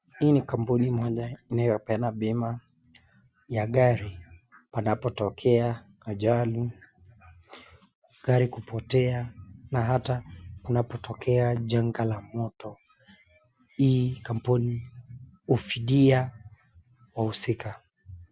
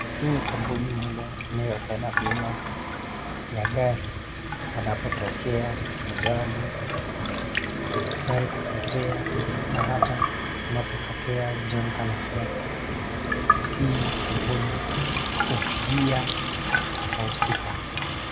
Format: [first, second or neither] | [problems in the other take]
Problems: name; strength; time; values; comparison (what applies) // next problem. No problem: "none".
first | background sound (Sink (filling or washing) / Water tap, faucet); 2 dB above the speech // room echo; dies away in 1.5 s